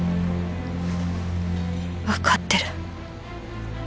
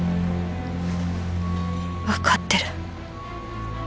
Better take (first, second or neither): first